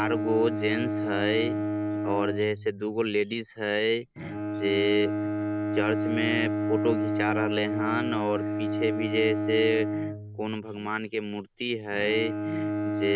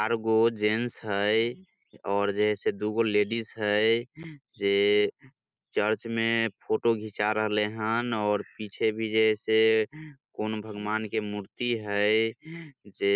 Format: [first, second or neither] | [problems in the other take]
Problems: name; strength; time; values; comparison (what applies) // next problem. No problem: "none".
second | background sound (Bowed string instrument); 1 dB below the speech